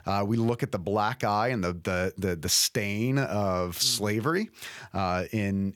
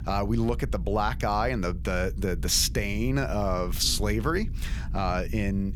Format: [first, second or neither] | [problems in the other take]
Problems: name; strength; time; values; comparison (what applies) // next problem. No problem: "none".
first | low rumble; faint; throughout; 25 dB below the speech